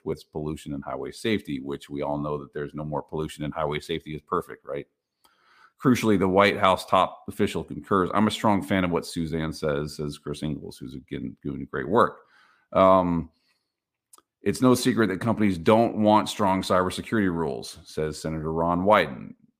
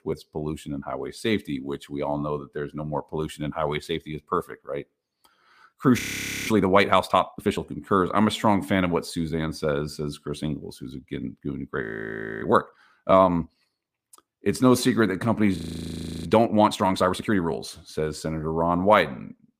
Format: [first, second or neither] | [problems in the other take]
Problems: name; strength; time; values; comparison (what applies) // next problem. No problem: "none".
first | audio freezing; at 6 s, at 12 s for 0.5 s and at 16 s for 0.5 s